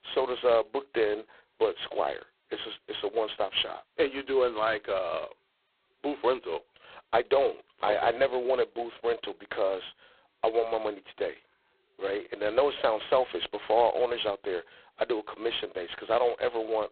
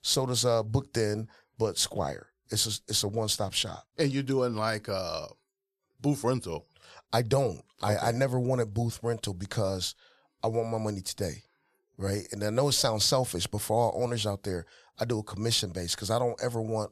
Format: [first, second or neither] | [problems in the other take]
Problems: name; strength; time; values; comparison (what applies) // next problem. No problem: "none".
second | phone-call audio; poor line